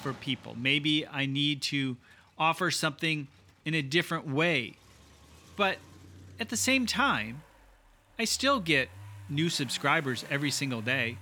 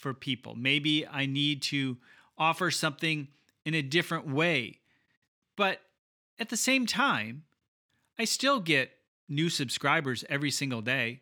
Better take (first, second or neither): second